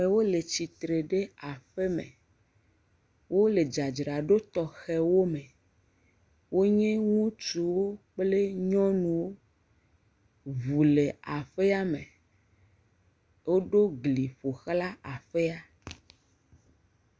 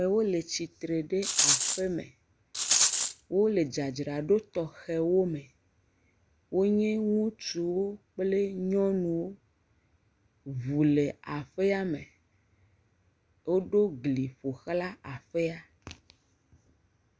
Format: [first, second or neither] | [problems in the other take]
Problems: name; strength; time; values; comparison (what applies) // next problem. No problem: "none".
first | background sound (Rattle); 4 dB above the speech